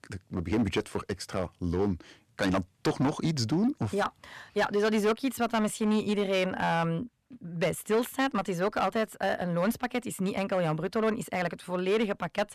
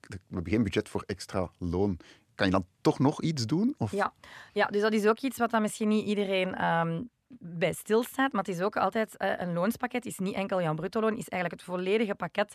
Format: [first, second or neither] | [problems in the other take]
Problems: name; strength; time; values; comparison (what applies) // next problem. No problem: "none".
second | distortion; slight; 6% of the sound clipped